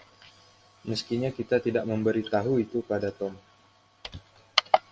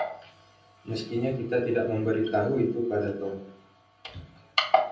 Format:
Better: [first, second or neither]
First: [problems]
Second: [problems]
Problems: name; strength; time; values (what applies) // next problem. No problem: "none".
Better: first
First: none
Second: room echo; dies away in 0.6 s